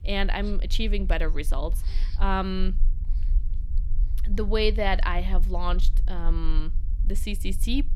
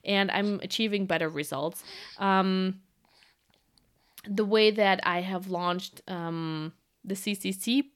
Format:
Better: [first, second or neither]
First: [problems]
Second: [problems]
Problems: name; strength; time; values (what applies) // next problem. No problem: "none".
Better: second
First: low rumble; faint; throughout; 20 dB below the speech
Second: none